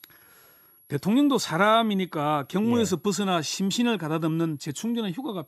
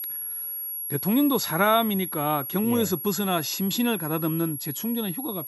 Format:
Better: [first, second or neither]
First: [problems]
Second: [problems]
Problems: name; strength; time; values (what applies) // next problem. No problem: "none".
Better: first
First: high-pitched whine; faint; throughout; 11.5 kHz, 30 dB below the speech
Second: high-pitched whine; loud; throughout; 11.5 kHz, 6 dB below the speech